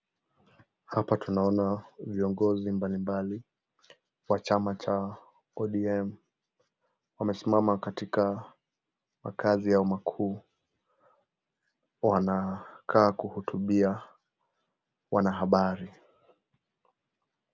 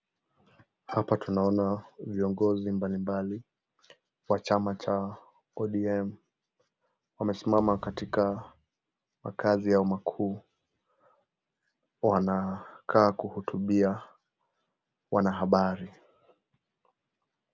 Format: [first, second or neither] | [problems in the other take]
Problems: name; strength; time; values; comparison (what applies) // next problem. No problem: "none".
first | background sound (Thump, thud + Bowed string instrument); 20 dB below the speech